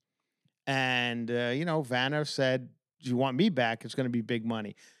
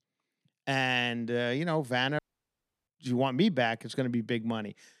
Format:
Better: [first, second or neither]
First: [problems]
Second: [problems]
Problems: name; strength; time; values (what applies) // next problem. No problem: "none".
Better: first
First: none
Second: audio cutting out; at 2 s for 0.5 s